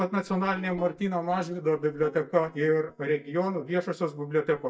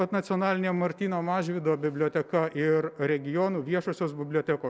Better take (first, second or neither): second